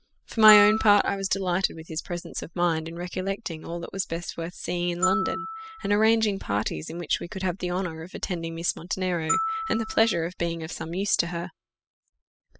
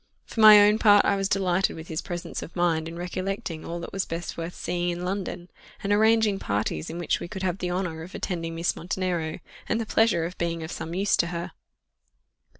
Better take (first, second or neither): second